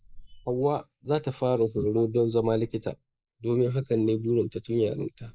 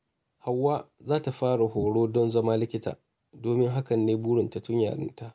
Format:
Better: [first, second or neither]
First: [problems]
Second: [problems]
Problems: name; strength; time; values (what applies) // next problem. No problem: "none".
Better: second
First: noise reduction (neural mask model Resemble Enhance denoiser)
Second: none